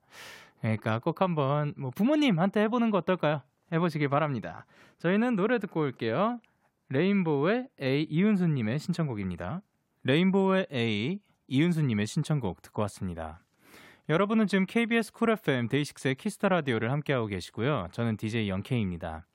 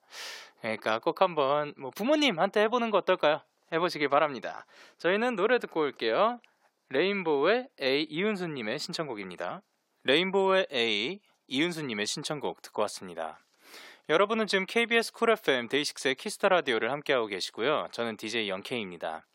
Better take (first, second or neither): first